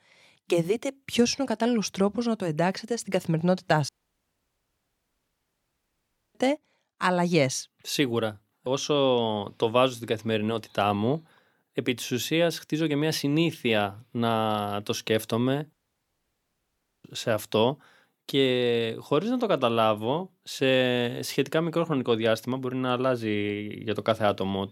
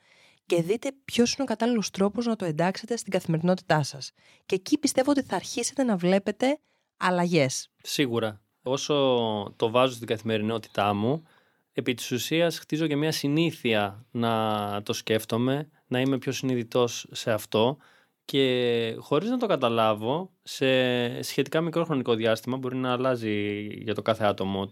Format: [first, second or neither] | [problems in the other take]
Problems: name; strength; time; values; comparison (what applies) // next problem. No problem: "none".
second | audio cutting out; at 4 s for 2.5 s and at 16 s for 1.5 s